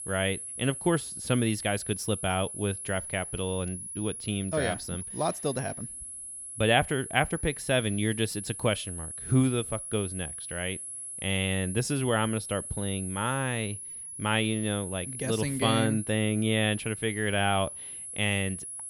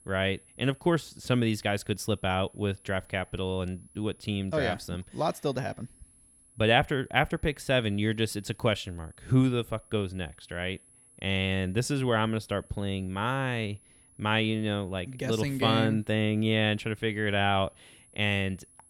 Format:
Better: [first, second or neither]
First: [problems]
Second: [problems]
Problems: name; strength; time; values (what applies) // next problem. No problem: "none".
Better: second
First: high-pitched whine; loud; throughout; 10.5 kHz, 7 dB below the speech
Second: high-pitched whine; faint; throughout; 10.5 kHz, 25 dB below the speech